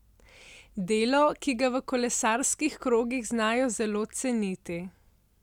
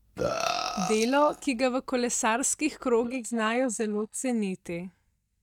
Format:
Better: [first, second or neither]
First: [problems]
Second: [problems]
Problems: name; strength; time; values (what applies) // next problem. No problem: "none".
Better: first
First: none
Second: noise reduction (neural mask model DeepFilterNet 3)